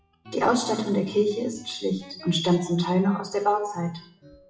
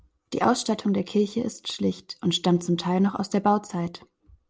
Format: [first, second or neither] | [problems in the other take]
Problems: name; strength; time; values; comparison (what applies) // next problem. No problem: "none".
second | noise reduction (classical method WPE with log-MMSE)